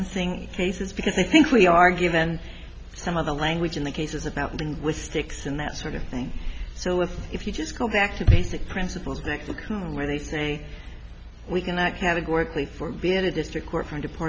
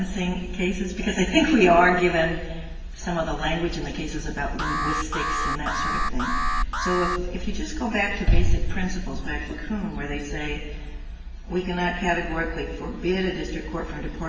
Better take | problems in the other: first | background sound (Alarm); 4 dB below the speech // room echo; dies away in 1.2 s

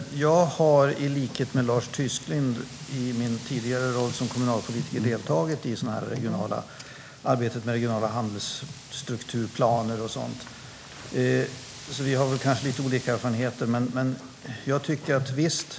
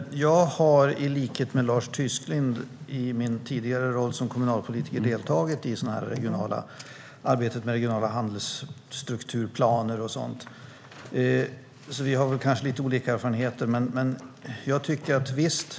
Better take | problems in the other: second | background sound (Wind); 18 dB below the speech

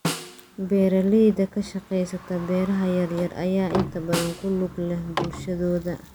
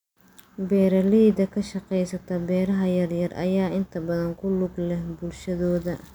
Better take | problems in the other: second | background sound (Sliding door + Snare drum); 10 dB below the speech

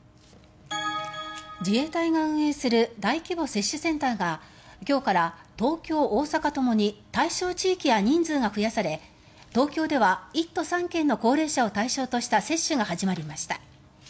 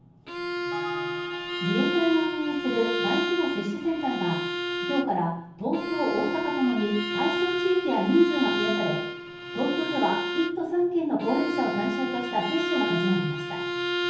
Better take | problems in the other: first | background sound (Bowed string instrument); 3 dB below the speech // room echo; dies away in 0.7 s

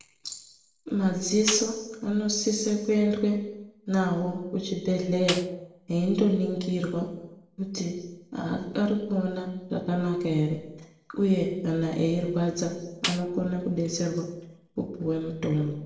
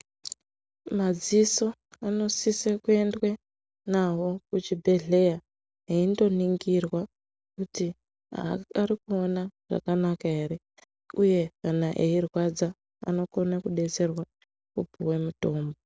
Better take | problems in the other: second | background sound (Snare drum); 10 dB below the speech // room echo; dies away in 0.8 s

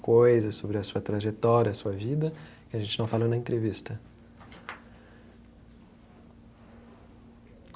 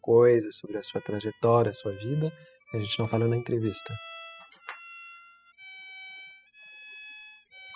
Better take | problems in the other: first | noise reduction (classical method spectral subtraction)

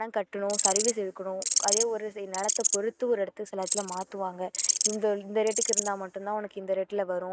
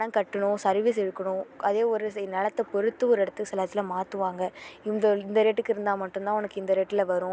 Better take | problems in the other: second | noise reduction (neural mask model RNNoise)

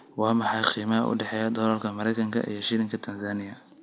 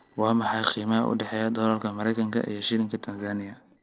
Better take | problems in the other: first | noise reduction (neural separator model SepFormer DNS4)

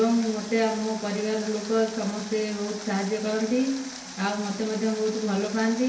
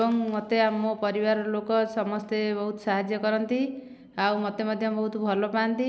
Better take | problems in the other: second | background sound (Water); 14 dB below the speech // room echo; dies away in 0.4 s

